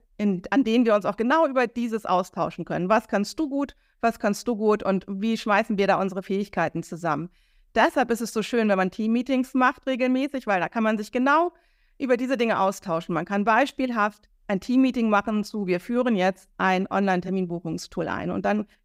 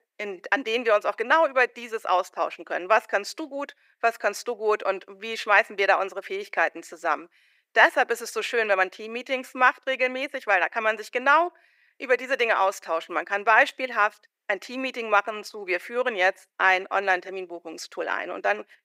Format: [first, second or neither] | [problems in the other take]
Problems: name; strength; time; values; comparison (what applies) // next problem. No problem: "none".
first | thin; very; fading below 400 Hz